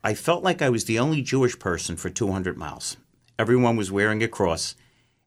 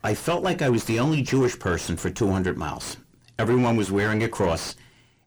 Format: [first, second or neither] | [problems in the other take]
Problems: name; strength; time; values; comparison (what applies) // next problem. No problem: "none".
first | distortion; heavy; 7 dB below the speech